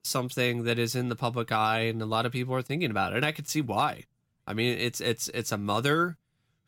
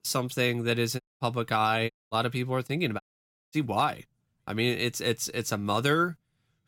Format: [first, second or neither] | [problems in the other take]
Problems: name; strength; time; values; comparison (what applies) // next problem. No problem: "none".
first | audio cutting out; at 1 s, at 2 s and at 3 s for 0.5 s